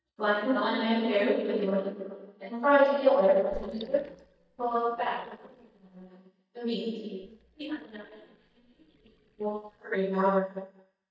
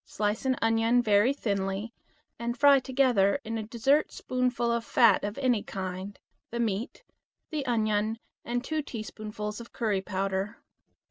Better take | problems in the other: second | noise reduction (neural mask model DeepFilterNet 3)

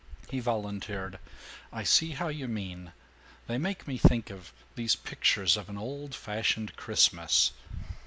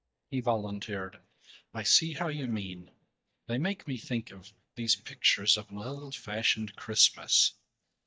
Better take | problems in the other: first | noise reduction (neural mask model DeepFilterNet 3)

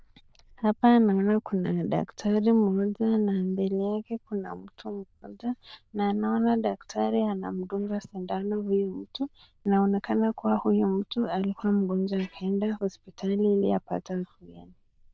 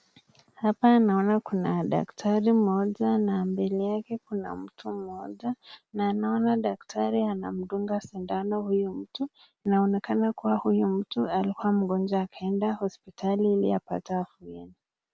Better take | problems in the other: second | noise reduction (neural diffusion model UNIVERSE++)

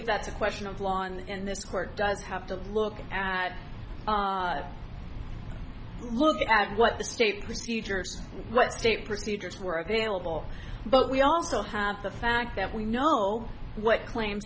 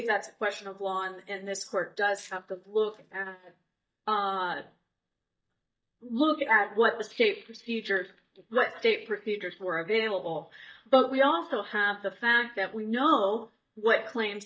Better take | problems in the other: first | noise reduction (neural mask model DeepFilterNet 3)

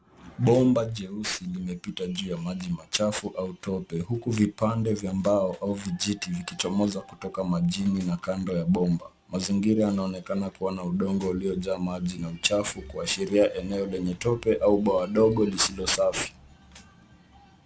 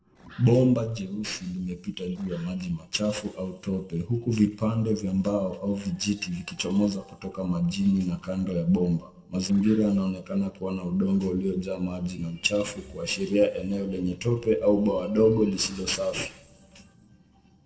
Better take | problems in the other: first | noise reduction (neural separator model SepFormer DNS4)

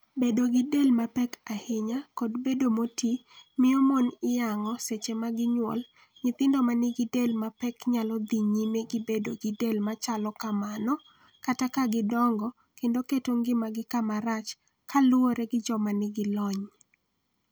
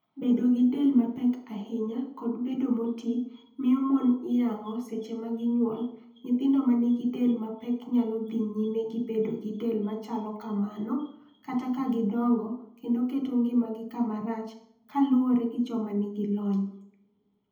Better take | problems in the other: first | room echo; dies away in 0.7 s

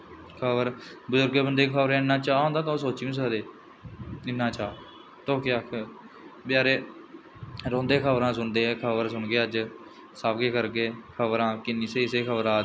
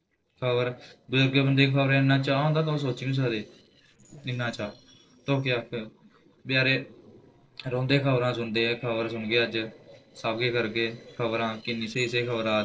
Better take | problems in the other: first | noise reduction (neural separator model SepFormer DNS4)

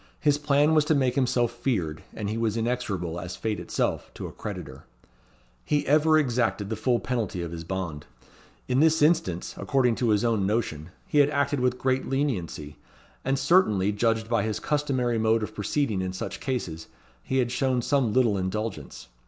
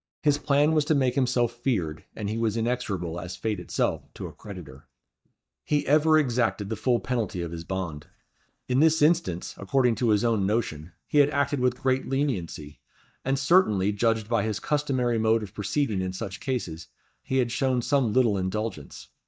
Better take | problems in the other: first | noise reduction (neural mask model DeepFilterNet 3)

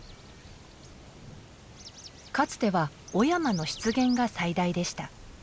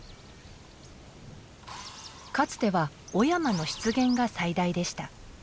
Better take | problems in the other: first | background sound (Drill); 20 dB below the speech

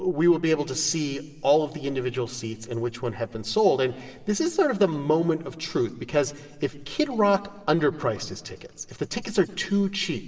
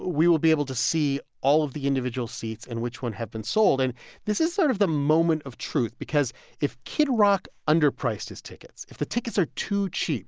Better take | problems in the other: second | room echo; dies away in 1.6 s

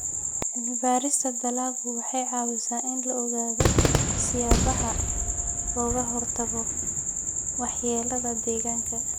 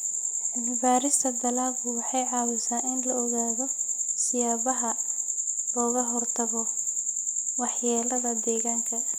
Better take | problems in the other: second | background sound (Cheering / Fireworks); 3 dB below the speech

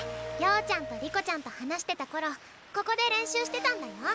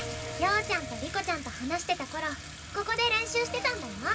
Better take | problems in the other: first | background sound (Sink (filling or washing) / Water tap, faucet); 11 dB below the speech // room echo; dies away in 0.4 s

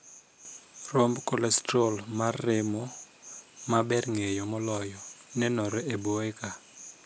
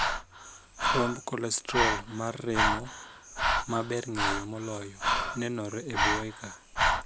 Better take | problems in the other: first | background sound (Breathing); 3 dB above the speech

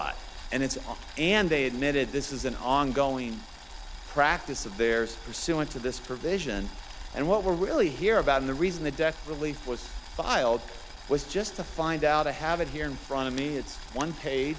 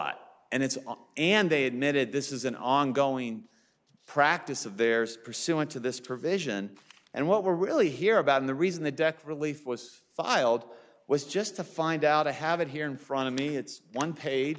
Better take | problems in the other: second | background sound (Boiling); 12 dB below the speech

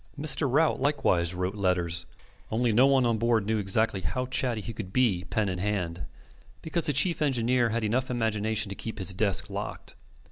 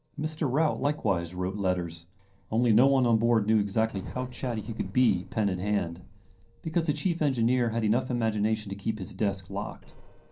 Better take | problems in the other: first | noise reduction (neural separator model SepFormer DNS4)

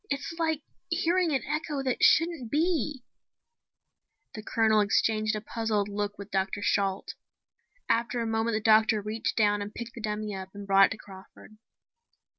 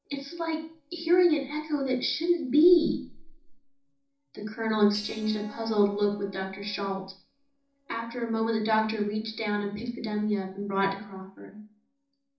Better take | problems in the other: first | noise reduction (neural separator model SepFormer DNS4)

